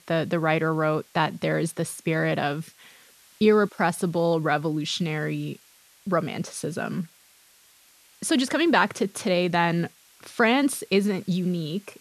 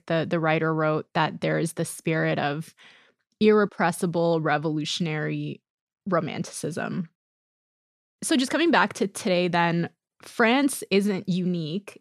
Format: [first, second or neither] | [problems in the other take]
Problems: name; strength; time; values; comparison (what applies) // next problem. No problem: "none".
second | hiss; faint; throughout; 30 dB below the speech